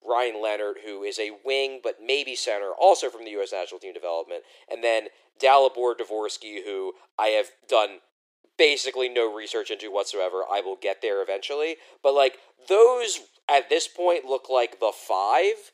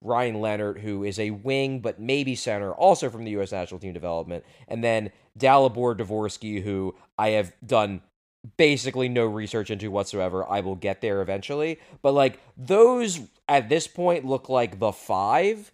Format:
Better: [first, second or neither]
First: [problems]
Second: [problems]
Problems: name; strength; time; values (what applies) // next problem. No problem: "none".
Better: second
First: thin; very; fading below 350 Hz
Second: none